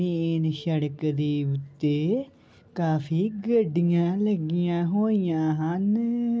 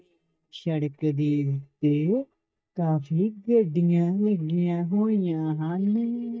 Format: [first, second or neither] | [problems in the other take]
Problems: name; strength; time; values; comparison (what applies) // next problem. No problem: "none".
first | noise reduction (neural mask model DeepFilterNet 3)